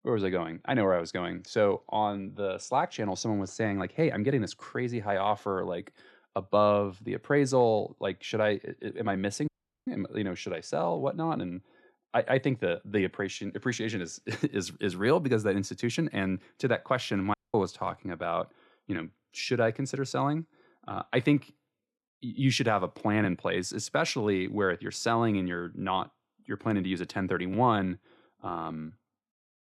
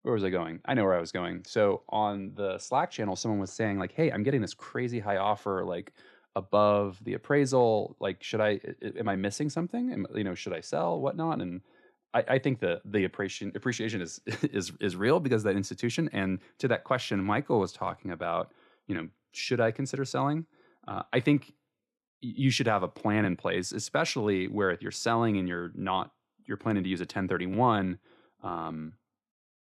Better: second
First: audio cutting out; at 9.5 s and at 17 s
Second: none

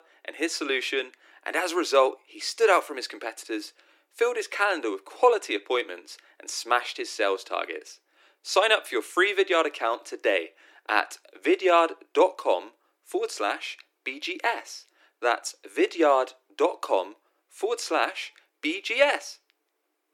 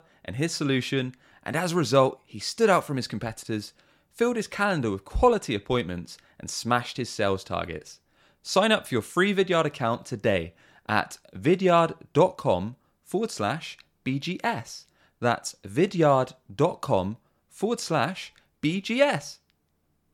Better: second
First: thin; very; fading below 300 Hz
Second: none

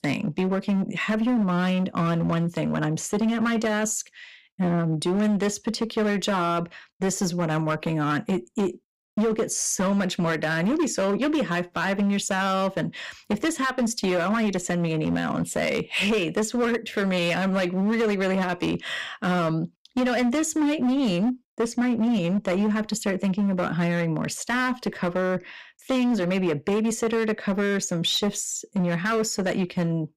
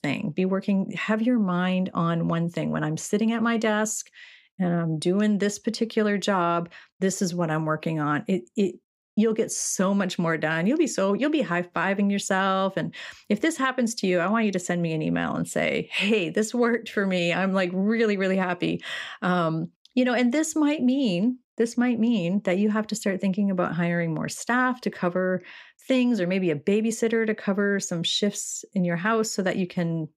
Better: second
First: distortion; slight; 14% of the sound clipped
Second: none

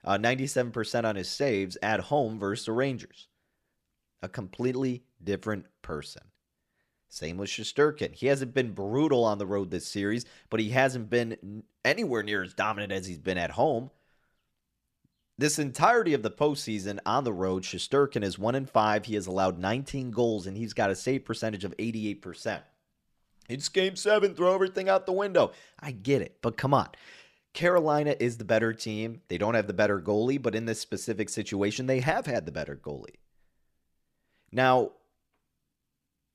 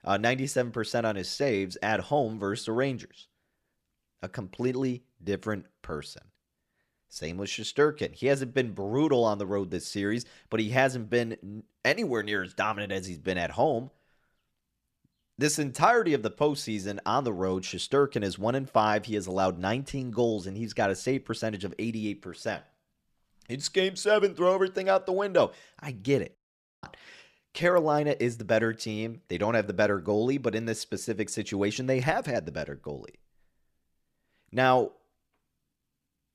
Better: first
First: none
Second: audio cutting out; at 26 s

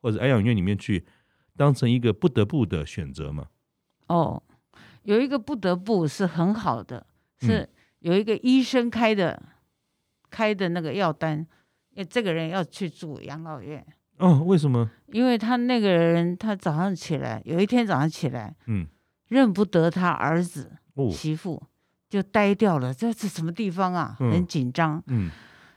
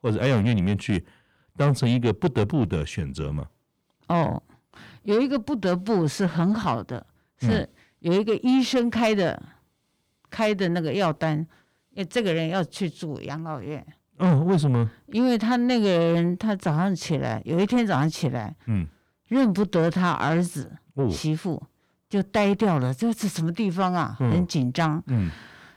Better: first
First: none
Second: distortion; slight; 10 dB below the speech

